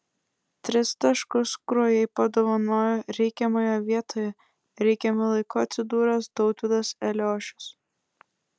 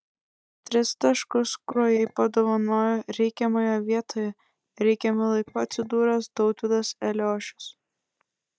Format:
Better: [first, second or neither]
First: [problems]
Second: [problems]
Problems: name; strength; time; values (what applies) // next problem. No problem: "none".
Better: first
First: none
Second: noise reduction (neural mask model DeepFilterNet 3)